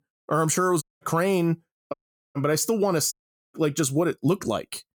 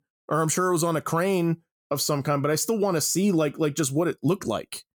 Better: second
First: audio cutting out; at 1 s, at 2 s and at 3 s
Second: none

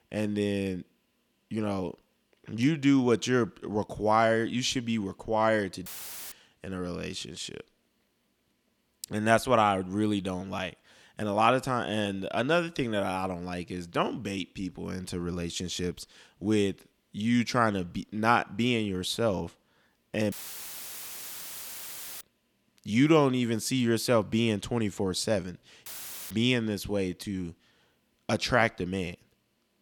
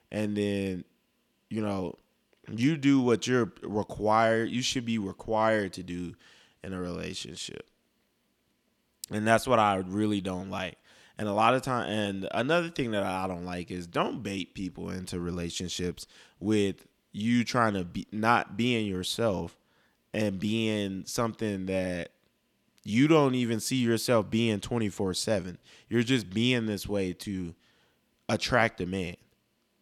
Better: second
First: audio cutting out; filled with static; at 6 s, at 20 s for 2 s and at 26 s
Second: none

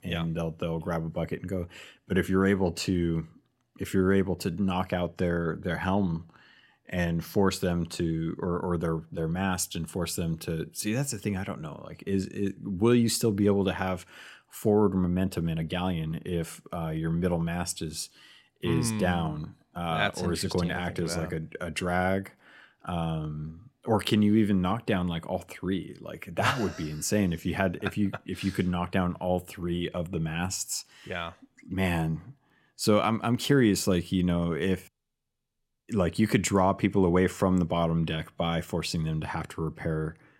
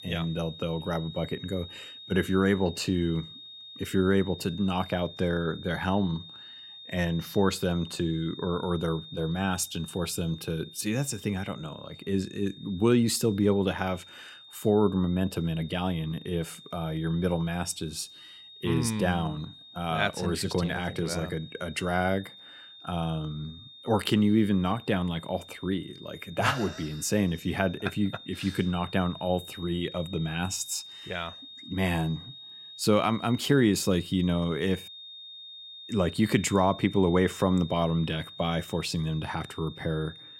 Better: first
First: none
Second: high-pitched whine; noticeable; throughout; 3.5 kHz, 15 dB below the speech

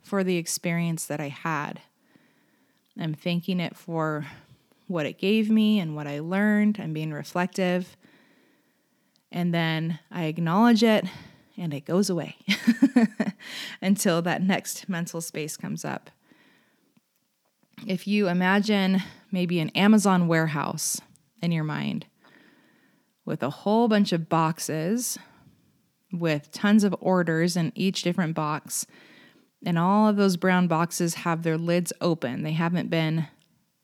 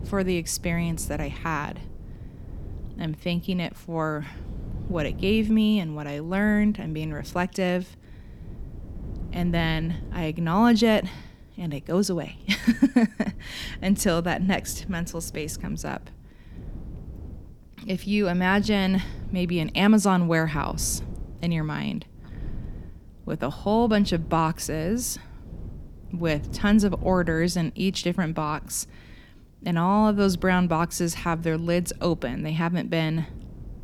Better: first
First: none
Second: wind noise on the microphone; occasional gusts; 25 dB below the speech

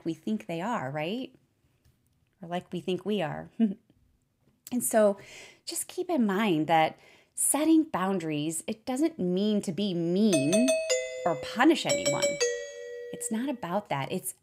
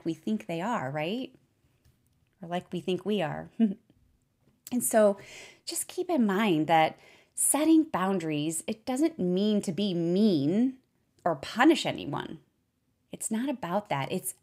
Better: second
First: doorbell; loud; from 10 to 13 s; peak 2 dB above the speech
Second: none

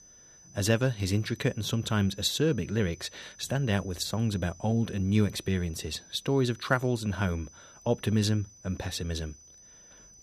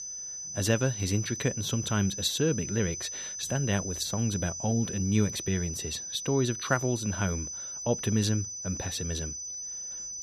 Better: first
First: high-pitched whine; faint; throughout; 6 kHz, 20 dB below the speech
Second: high-pitched whine; loud; throughout; 6 kHz, 5 dB below the speech

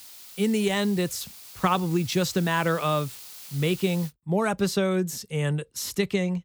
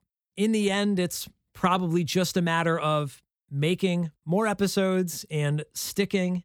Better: second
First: hiss; noticeable; until 4 s; 15 dB below the speech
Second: none

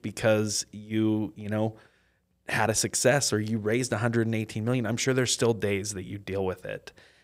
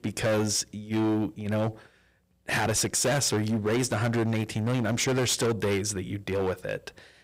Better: first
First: none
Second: distortion; heavy; 16% of the sound clipped

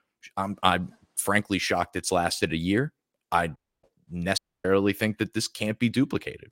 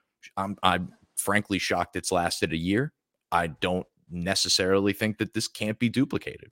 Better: second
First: audio cutting out; at 3.5 s and at 4.5 s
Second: none

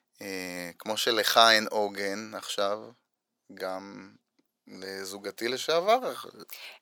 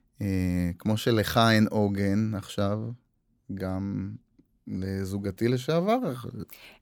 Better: second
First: thin; very; fading below 650 Hz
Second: none

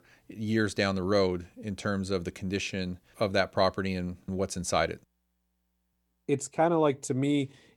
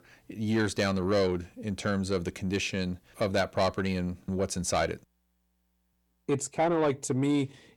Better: first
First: none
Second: distortion; slight; 10 dB below the speech

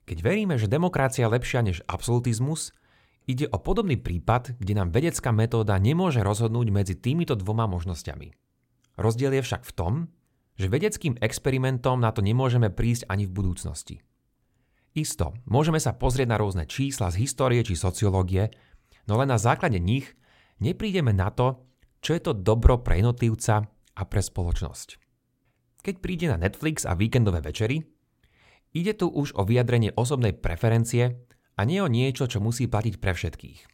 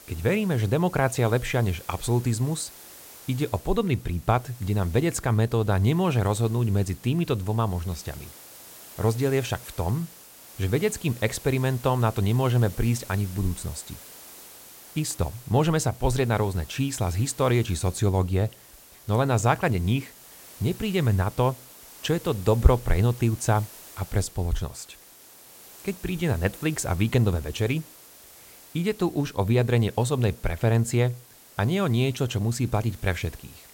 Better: first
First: none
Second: hiss; noticeable; throughout; 20 dB below the speech

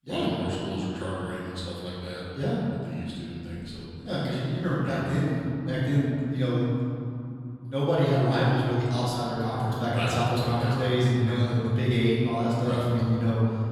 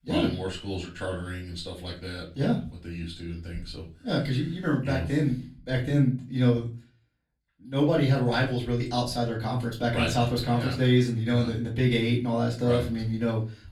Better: second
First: room echo; strong; dies away in 2.9 s // off-mic speech; far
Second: room echo; slight; dies away in 0.3 s // off-mic speech; far

